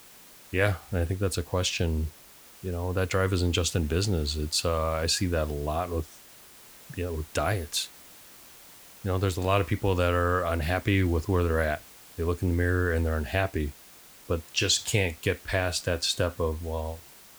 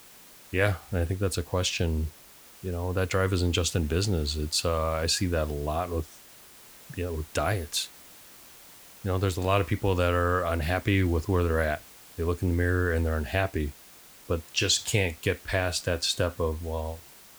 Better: neither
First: hiss; faint; throughout; 20 dB below the speech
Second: hiss; faint; throughout; 20 dB below the speech

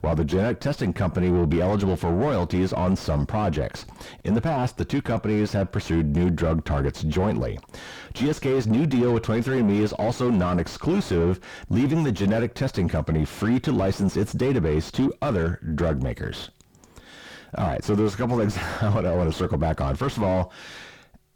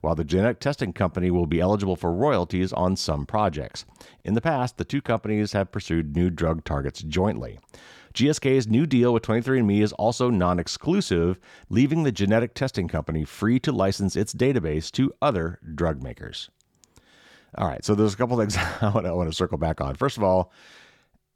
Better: second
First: distortion; heavy; 5 dB below the speech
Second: none

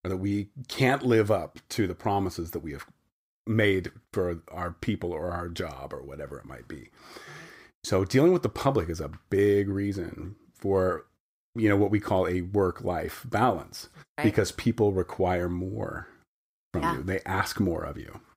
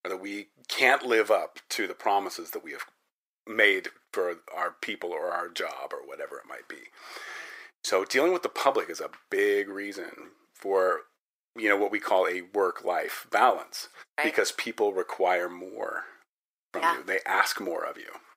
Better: first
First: none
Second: thin; very; fading below 450 Hz

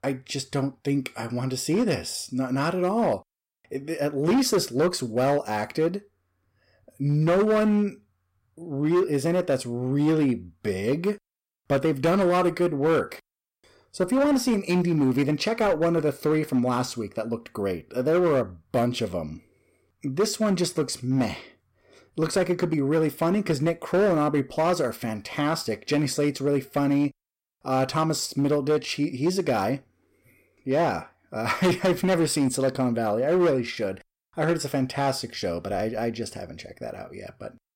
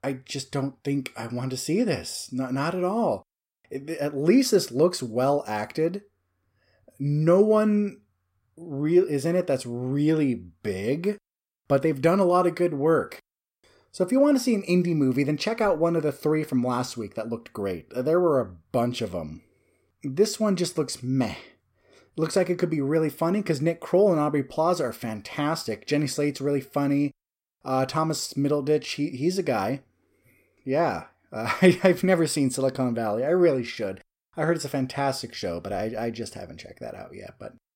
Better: second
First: distortion; slight; 7% of the sound clipped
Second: none

